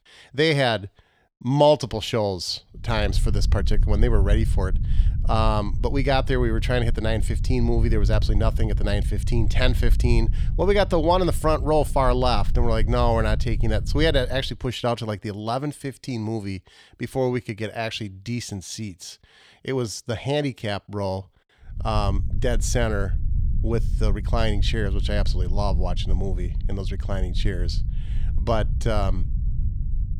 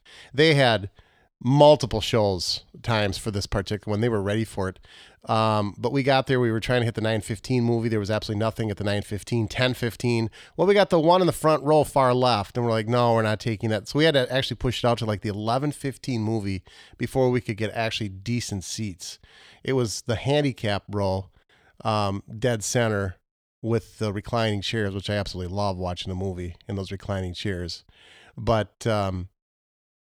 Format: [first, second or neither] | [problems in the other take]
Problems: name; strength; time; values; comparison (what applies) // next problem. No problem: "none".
second | low rumble; noticeable; from 3 to 14 s and from 22 s on; 20 dB below the speech